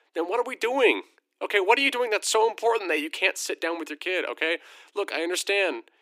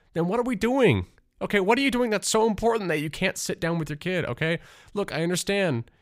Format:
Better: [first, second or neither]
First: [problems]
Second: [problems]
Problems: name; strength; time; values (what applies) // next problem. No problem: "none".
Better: second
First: thin; somewhat; fading below 300 Hz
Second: none